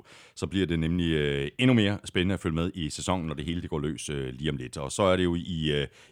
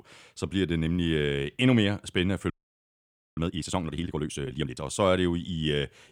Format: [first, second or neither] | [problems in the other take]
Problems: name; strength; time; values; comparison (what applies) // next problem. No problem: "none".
first | audio freezing; at 2.5 s for 1 s